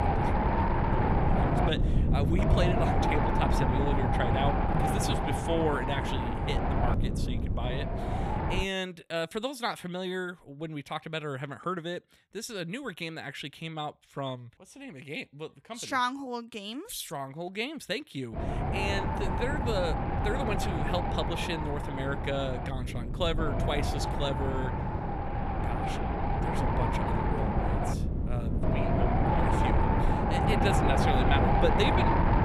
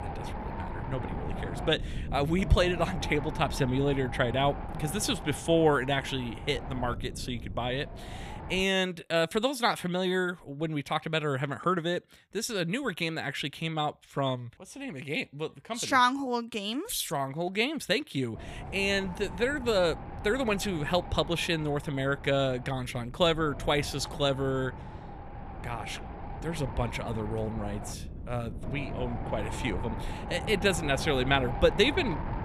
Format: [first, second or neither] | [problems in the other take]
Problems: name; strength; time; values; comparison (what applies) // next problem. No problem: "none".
second | wind noise on the microphone; heavy; until 8.5 s and from 18 s on; 3 dB above the speech; occasional gusts in the second